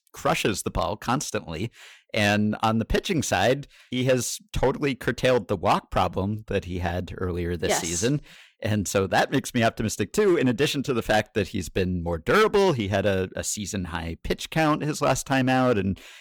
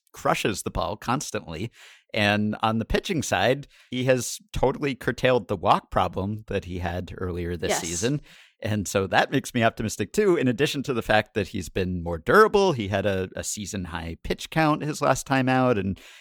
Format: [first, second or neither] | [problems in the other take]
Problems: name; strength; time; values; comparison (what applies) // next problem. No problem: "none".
second | distortion; slight; 4% of the sound clipped